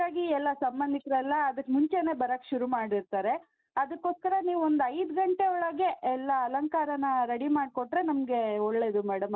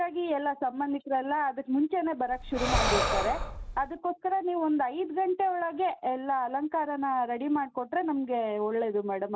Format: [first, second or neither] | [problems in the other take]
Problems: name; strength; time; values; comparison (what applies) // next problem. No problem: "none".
first | background sound (Breathing); as loud as the speech